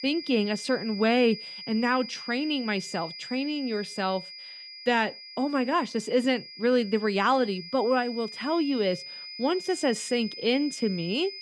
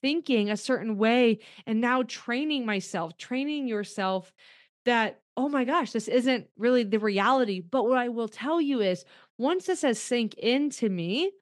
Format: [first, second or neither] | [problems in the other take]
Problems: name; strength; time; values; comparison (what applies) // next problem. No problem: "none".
second | high-pitched whine; noticeable; throughout; 5 kHz, 10 dB below the speech